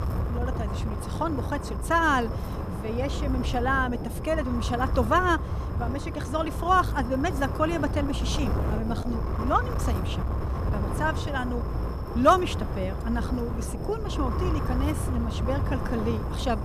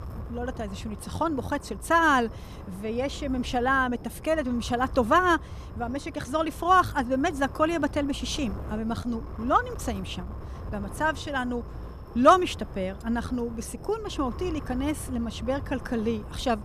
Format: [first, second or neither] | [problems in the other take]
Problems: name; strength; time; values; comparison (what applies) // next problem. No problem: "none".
second | wind noise on the microphone; heavy; 9 dB below the speech; occasional gusts in the second